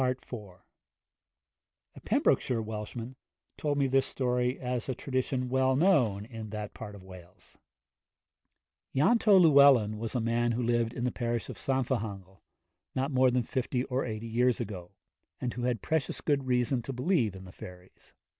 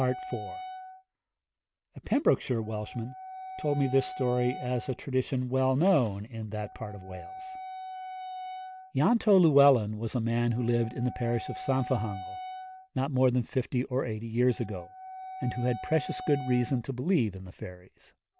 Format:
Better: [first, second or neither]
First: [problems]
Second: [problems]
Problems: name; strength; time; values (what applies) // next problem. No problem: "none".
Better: first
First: none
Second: background sound (Wind instrument, woodwind instrument); 14 dB below the speech